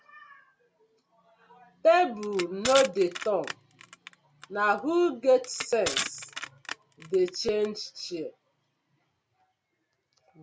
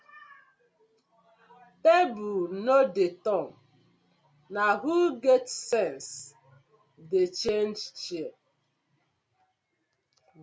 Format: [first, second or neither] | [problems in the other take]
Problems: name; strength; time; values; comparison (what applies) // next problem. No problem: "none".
second | background sound (Crushing); 9 dB below the speech